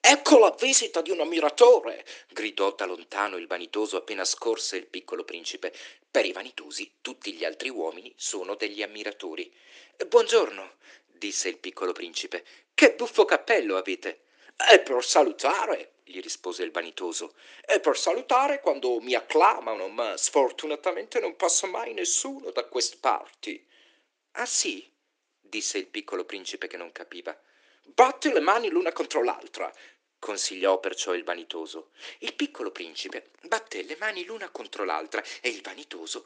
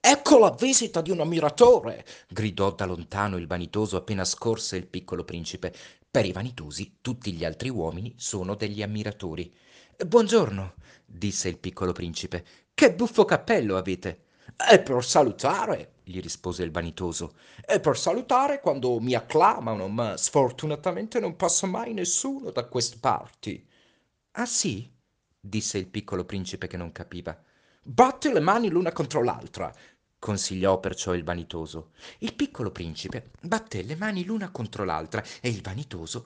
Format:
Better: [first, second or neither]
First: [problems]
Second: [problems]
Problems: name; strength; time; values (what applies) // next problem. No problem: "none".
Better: second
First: thin; somewhat; fading below 300 Hz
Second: none